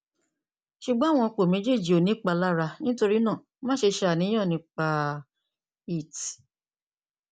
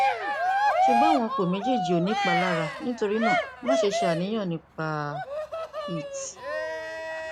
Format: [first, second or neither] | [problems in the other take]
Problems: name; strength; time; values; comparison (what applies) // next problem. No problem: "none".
first | background sound (Cheering); 2 dB above the speech